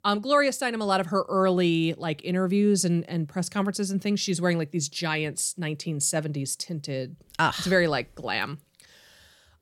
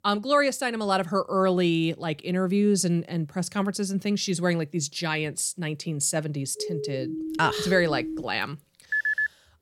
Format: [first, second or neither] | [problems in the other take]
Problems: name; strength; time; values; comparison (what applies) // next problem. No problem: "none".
first | siren; noticeable; from 6.5 to 8 s; peak 7 dB below the speech // phone ringing; loud; at 9 s; peak 2 dB above the speech